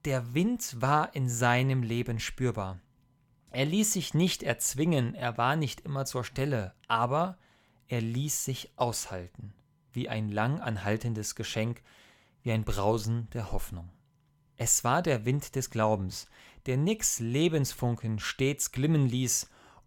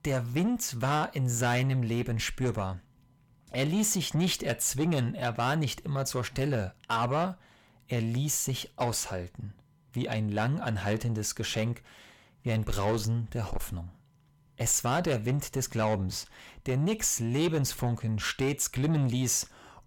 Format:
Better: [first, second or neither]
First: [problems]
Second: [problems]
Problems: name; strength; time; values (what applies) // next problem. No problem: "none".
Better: first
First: none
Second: distortion; slight; 10 dB below the speech